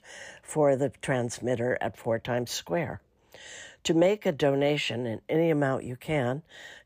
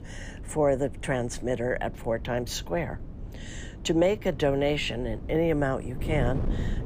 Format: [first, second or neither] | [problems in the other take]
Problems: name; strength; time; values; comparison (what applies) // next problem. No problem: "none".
first | wind noise on the microphone; occasional gusts; 20 dB below the speech